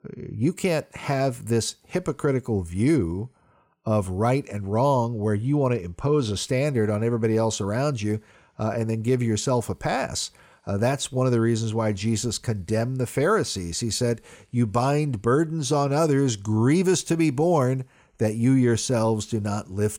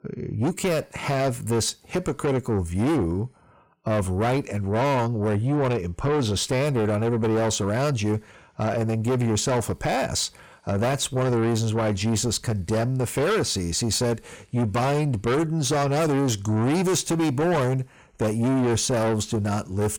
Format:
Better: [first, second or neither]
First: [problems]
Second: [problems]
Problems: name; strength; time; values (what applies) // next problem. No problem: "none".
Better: first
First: none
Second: distortion; heavy; 8 dB below the speech